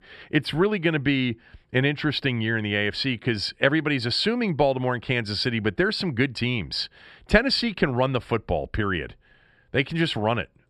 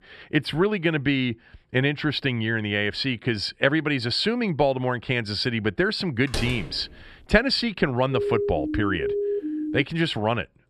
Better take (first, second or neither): first